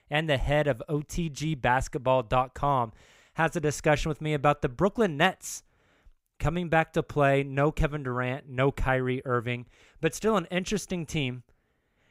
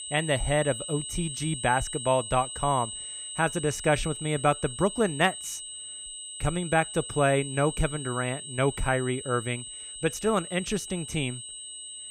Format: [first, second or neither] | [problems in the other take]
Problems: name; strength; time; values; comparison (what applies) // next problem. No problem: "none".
first | high-pitched whine; loud; throughout; 8 kHz, 8 dB below the speech